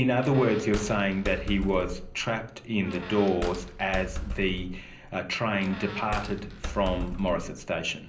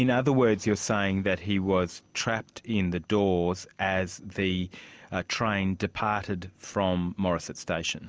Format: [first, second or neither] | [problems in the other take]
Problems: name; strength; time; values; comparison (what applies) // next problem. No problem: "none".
second | background sound (Squeak); 9 dB below the speech // room echo; dies away in 0.5 s